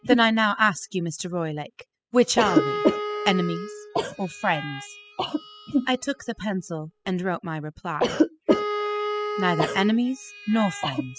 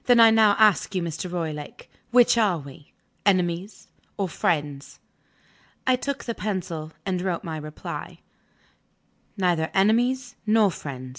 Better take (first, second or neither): second